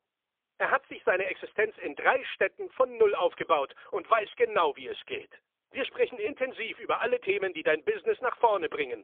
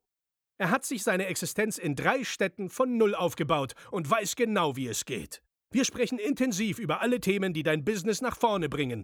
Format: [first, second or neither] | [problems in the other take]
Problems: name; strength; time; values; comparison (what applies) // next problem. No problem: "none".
second | phone-call audio; poor line; nothing above 3.5 kHz